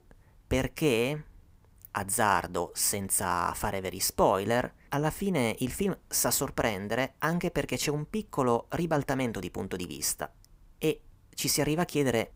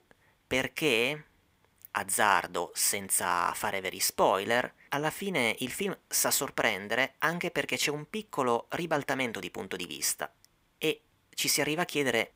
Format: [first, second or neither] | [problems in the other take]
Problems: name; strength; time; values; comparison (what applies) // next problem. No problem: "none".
first | thin; very slightly; fading below 350 Hz